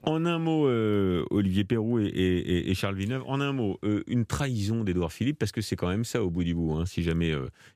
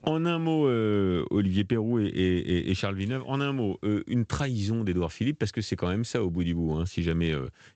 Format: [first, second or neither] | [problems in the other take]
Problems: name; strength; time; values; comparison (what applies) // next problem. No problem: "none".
first | garbled, watery; slightly; nothing above 8 kHz